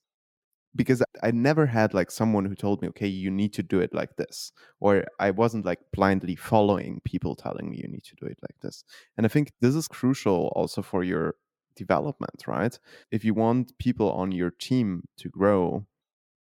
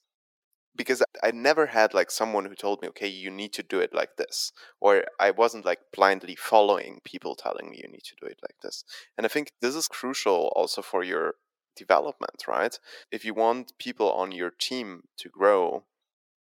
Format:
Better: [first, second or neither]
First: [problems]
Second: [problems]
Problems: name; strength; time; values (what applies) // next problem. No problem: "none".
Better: first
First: none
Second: thin; very; fading below 450 Hz